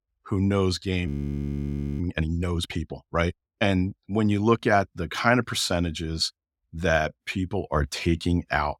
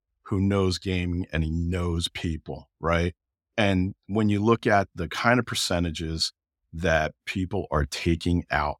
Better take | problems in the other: second | audio freezing; at 1 s for 1 s

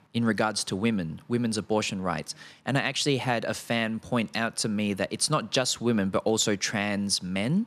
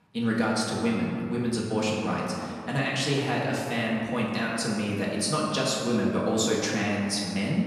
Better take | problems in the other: first | room echo; noticeable; dies away in 2.3 s // off-mic speech; far

